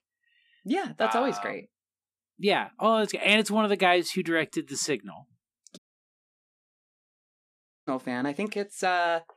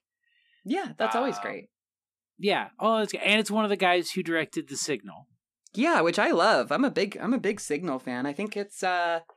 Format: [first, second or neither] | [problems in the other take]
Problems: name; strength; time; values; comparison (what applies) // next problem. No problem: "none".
second | audio cutting out; at 6 s for 2 s